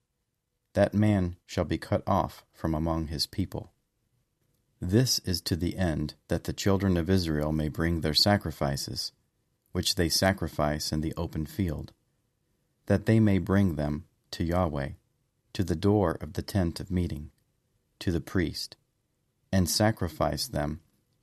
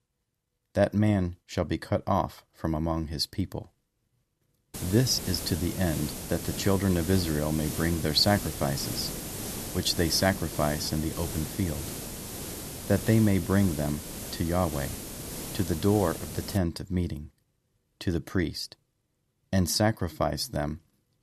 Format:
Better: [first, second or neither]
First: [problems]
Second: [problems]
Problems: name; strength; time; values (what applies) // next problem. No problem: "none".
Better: first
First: none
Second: hiss; loud; from 4.5 to 17 s; 8 dB below the speech